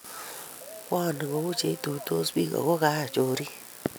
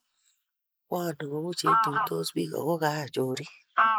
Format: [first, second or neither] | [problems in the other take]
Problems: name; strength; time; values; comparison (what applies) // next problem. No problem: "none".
first | noise reduction (neural mask model Resemble Enhance denoiser)